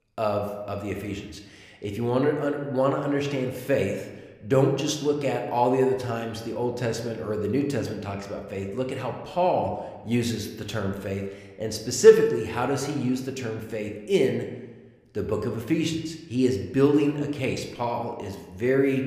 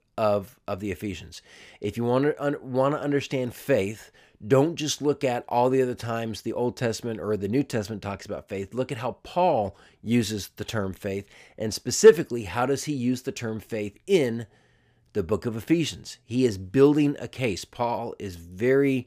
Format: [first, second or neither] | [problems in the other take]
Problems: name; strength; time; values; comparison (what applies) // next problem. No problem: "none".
second | room echo; slight; dies away in 0.9 s